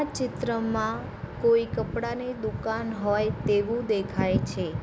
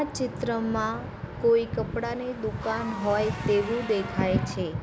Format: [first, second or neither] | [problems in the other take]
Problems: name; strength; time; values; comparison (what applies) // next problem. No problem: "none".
first | background sound (Engine / Car); 16 dB below the speech